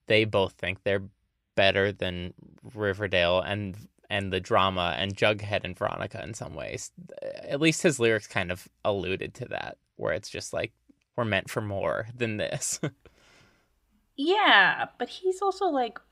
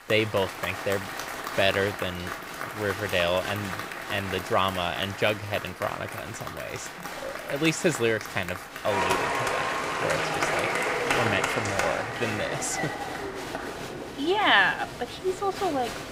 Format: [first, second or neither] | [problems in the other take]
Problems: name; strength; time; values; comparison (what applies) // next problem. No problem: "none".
first | crowd noise; loud; throughout; 3 dB below the speech